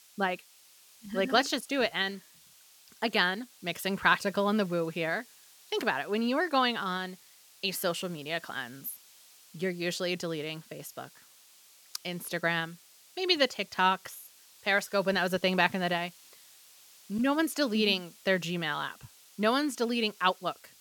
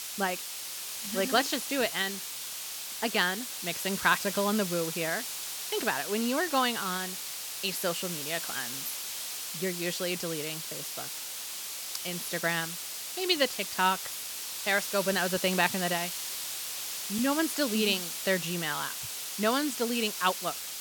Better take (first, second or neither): first